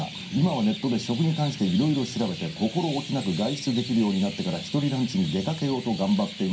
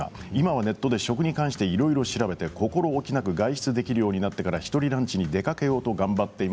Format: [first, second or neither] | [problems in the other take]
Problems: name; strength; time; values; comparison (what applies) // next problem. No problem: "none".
second | background sound (Chirp, tweet); 13 dB below the speech // room echo; dies away in 0.3 s